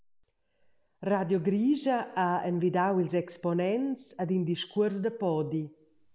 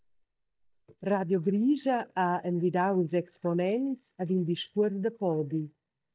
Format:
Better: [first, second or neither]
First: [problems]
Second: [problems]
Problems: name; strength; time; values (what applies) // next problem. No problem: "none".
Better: first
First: none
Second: noise reduction (neural mask model DeepFilterNet 3)